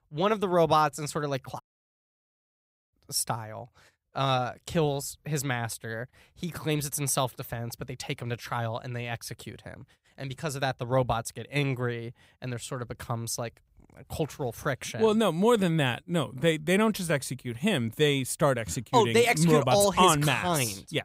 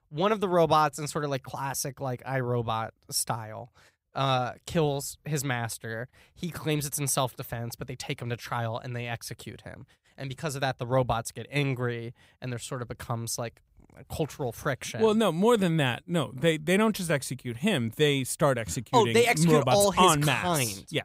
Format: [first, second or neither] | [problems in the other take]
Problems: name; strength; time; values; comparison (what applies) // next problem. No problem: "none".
second | audio cutting out; at 1.5 s for 1.5 s